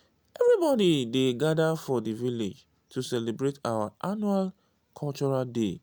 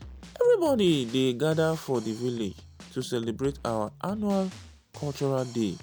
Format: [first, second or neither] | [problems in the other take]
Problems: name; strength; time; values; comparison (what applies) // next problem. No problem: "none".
first | background sound (Drum kit); 19 dB below the speech